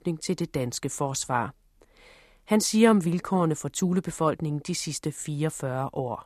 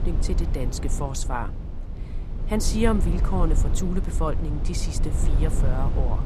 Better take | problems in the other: first | low rumble; loud; throughout; 9 dB below the speech

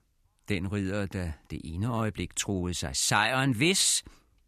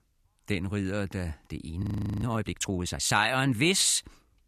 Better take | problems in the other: first | audio freezing; at 2 s

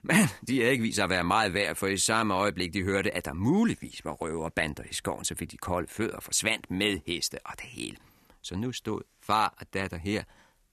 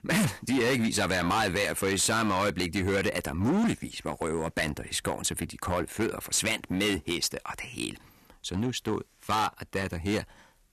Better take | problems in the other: first | distortion; heavy; 10% of the sound clipped

